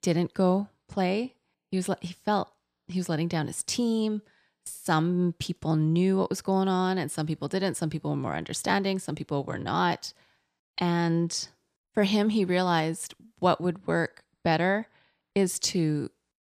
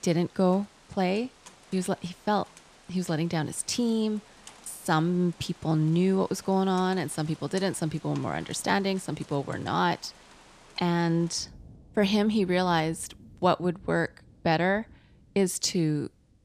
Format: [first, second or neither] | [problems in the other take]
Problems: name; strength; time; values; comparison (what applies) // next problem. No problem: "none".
first | rain or running water; faint; throughout; 25 dB below the speech